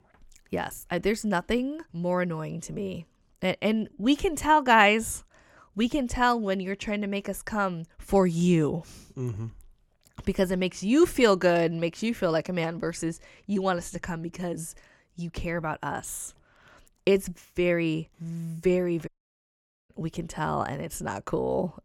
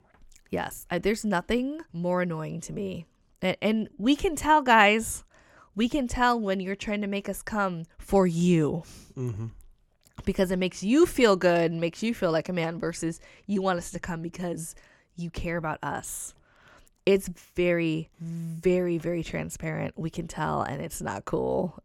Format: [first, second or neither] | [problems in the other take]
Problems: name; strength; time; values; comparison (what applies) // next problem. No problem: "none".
second | audio cutting out; at 19 s for 1 s